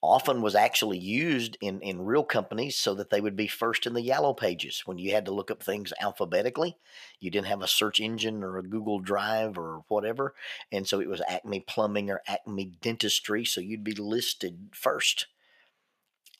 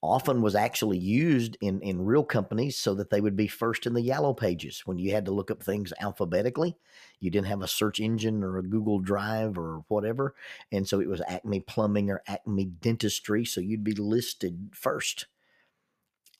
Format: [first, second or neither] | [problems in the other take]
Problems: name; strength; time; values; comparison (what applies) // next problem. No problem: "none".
second | thin; somewhat; fading below 500 Hz